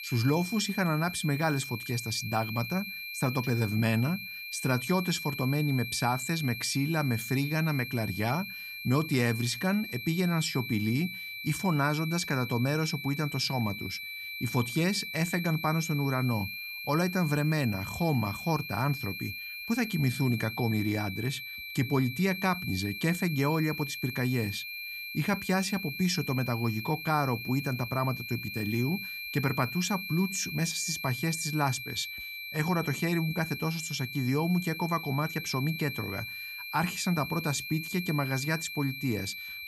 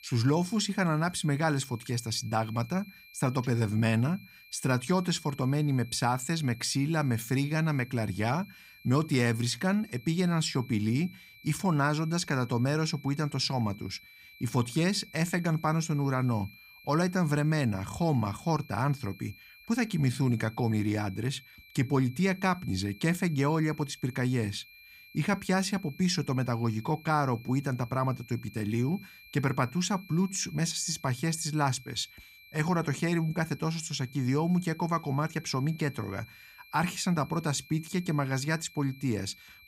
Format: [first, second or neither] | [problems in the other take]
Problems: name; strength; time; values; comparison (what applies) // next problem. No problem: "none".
second | high-pitched whine; loud; throughout; 2.5 kHz, 7 dB below the speech; faint in the second